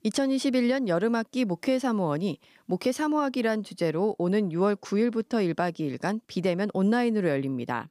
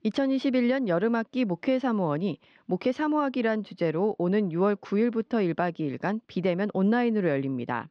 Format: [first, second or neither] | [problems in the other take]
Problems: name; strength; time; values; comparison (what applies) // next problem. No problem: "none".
first | muffled; slightly; fading above 3.5 kHz